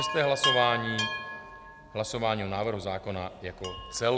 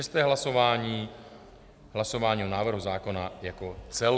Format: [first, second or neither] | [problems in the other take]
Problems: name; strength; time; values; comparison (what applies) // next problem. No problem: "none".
second | background sound (Chime); 4 dB below the speech